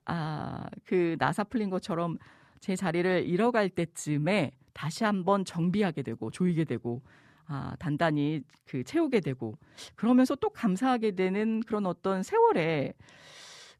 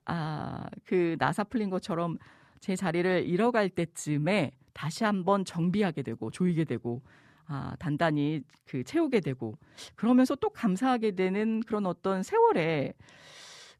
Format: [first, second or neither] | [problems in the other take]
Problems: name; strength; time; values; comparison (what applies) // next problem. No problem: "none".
neither | none